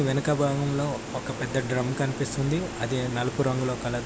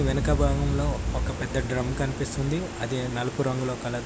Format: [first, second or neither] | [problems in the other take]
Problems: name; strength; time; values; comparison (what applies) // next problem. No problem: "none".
first | background sound (Boom); 3 dB below the speech